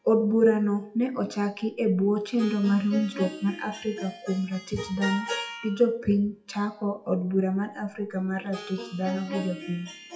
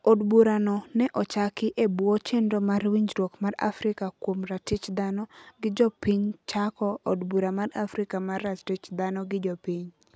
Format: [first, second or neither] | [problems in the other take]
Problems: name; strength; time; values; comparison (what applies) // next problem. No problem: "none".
second | noise reduction (classical method WPE with log-MMSE)